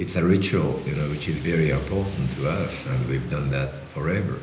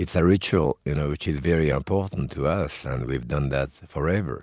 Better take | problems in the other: second | background sound (Rain); 17 dB below the speech // room echo; dies away in 1 s

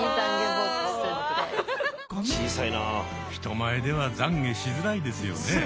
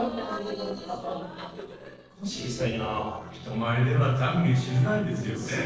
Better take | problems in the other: first | noise reduction (neural separator model SepFormer DNS4)

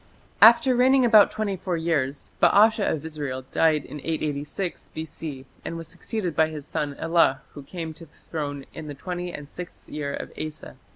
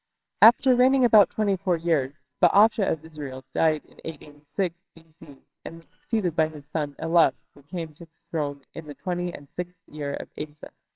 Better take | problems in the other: first | noise reduction (neural separator model SepFormer WHAMR!)

